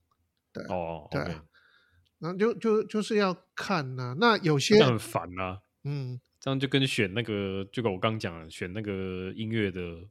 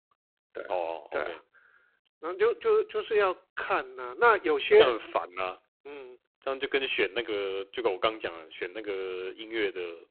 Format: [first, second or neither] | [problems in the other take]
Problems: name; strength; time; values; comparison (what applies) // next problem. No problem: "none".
first | phone-call audio; poor line